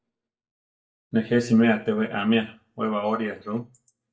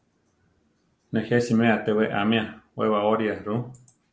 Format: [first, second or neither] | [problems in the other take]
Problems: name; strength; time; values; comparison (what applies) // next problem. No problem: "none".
second | noise reduction (neural mask model DeepFilterNet 3)